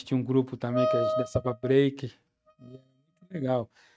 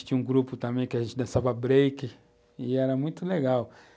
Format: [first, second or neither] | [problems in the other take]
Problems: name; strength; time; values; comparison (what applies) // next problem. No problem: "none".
second | noise reduction (neural mask model RNNoise)